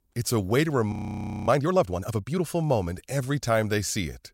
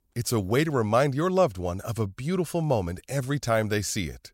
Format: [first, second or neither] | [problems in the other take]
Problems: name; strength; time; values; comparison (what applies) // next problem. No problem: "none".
second | audio freezing; at 1 s for 0.5 s